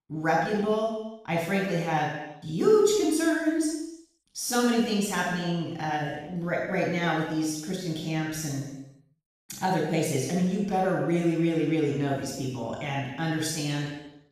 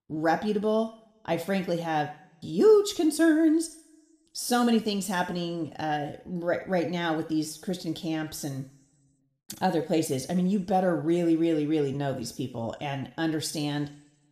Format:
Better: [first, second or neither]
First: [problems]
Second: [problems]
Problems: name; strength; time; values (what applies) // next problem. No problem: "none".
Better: second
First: room echo; strong; dies away in 0.9 s // off-mic speech; far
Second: room echo; slight; dies away in 0.7 s